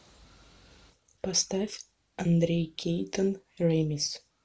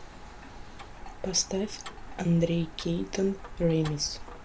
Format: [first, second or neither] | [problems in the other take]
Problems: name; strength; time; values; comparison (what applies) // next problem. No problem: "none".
first | background sound (Tick-tock + Rain); 11 dB below the speech